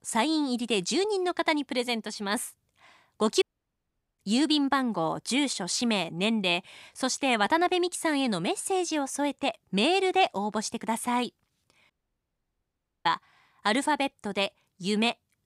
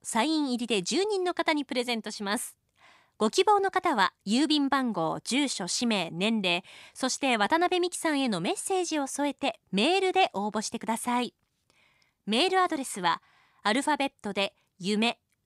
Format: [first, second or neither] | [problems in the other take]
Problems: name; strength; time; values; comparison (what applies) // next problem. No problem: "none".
second | audio cutting out; at 3.5 s for 1 s and at 12 s for 1 s